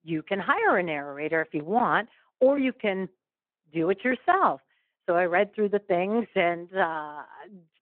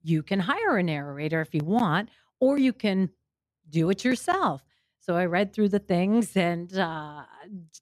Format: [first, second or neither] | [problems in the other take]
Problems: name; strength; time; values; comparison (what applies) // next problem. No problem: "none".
second | phone-call audio